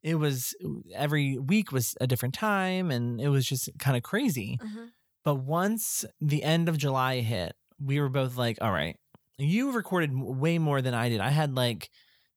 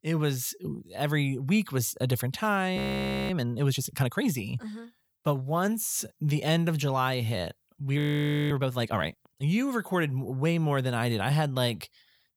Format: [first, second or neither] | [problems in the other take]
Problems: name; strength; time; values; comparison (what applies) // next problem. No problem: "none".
first | audio freezing; at 3 s for 0.5 s and at 8 s for 0.5 s